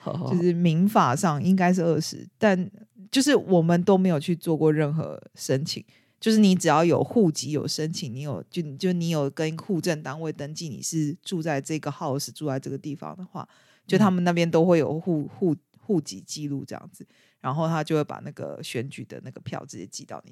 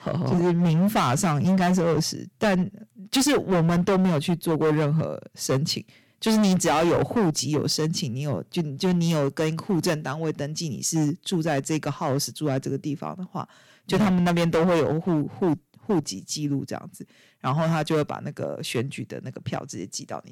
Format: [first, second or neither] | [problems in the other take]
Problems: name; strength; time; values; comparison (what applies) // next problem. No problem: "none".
first | distortion; heavy; 13% of the sound clipped